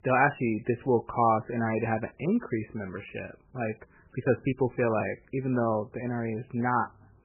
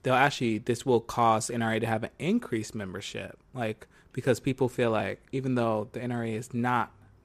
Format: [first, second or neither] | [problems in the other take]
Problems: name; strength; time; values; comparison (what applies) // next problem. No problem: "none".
second | garbled, watery; badly; nothing above 2.5 kHz